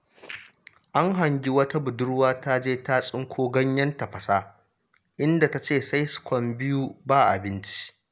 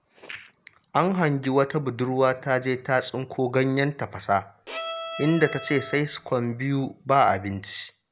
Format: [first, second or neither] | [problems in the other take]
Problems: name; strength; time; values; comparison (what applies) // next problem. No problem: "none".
first | background sound (Bowed string instrument); 11 dB below the speech